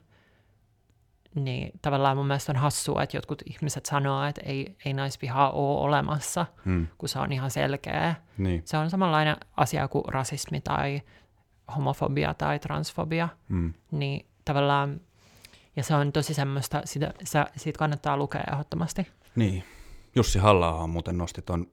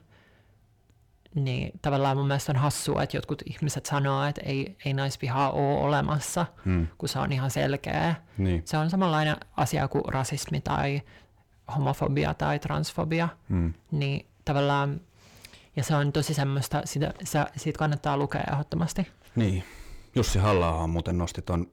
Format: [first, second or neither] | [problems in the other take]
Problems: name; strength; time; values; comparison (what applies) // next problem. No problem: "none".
first | distortion; slight; 10 dB below the speech